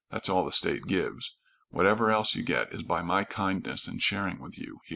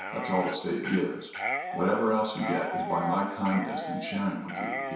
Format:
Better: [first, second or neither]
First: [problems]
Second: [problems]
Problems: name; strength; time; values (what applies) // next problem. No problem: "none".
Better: first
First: none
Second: background sound (Dog); 6 dB below the speech // room echo; dies away in 0.7 s